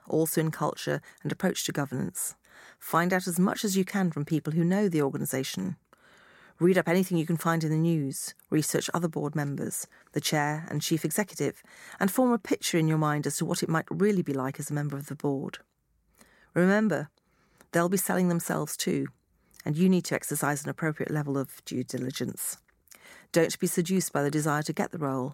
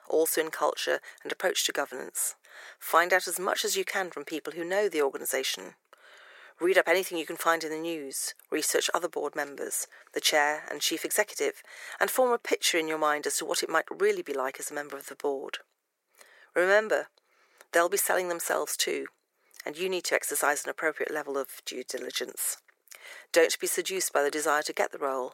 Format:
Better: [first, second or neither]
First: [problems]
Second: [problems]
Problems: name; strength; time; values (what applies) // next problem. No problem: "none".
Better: first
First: none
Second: thin; very; fading below 400 Hz